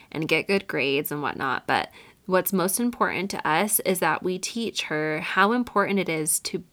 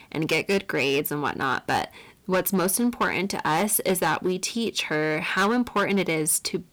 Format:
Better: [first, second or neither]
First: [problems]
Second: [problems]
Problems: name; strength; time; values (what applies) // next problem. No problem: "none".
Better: first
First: none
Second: distortion; slight; 8% of the sound clipped